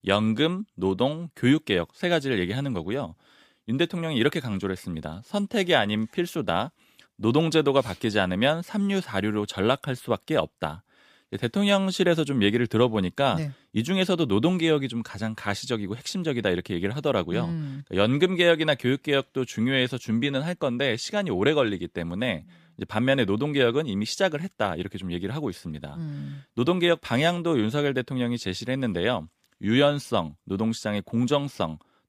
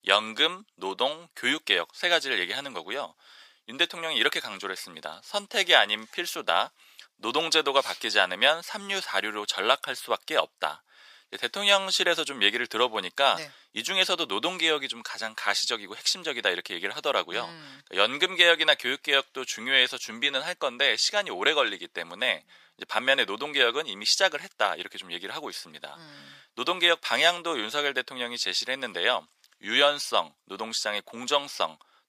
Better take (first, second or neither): first